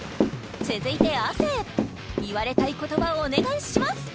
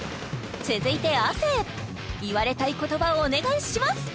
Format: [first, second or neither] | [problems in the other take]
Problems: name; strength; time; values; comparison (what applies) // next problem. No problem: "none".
second | background sound (Walk, footsteps / Run); as loud as the speech